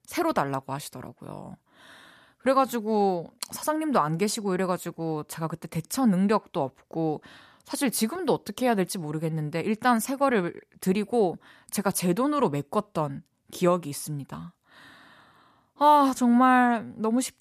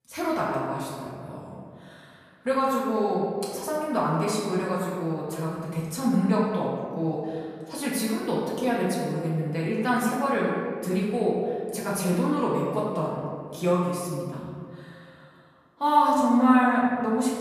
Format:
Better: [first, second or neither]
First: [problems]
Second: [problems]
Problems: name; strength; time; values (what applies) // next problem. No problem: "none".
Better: first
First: none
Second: room echo; noticeable; dies away in 1.7 s // off-mic speech; far